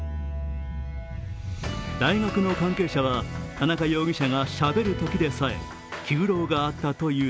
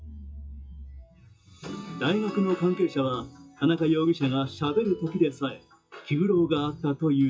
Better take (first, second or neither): first